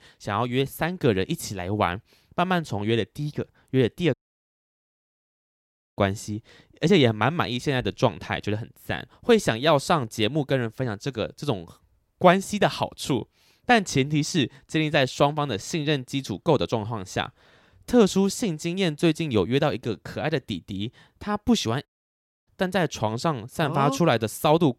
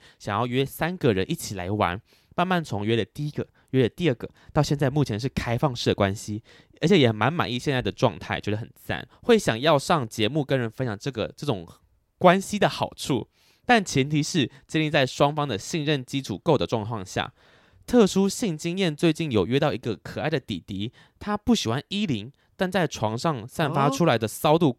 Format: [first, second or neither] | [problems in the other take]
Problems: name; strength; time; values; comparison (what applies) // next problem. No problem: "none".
second | audio cutting out; at 4 s for 2 s and at 22 s for 0.5 s